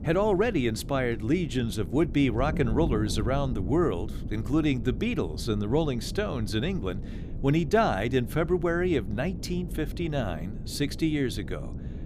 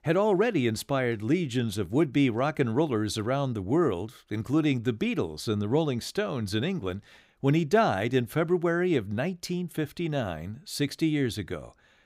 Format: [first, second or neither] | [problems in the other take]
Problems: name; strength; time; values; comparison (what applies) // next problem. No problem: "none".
second | wind noise on the microphone; occasional gusts; 15 dB below the speech